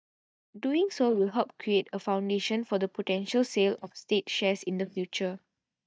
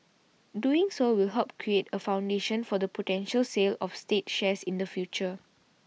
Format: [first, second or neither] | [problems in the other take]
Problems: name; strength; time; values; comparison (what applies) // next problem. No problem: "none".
second | noise reduction (neural mask model DeepFilterNet 3)